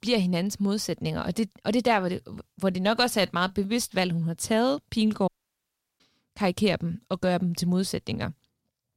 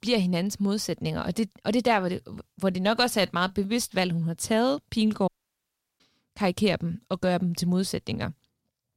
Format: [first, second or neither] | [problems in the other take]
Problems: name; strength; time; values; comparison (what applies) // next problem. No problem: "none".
neither | audio cutting out; at 5.5 s for 0.5 s; the same in both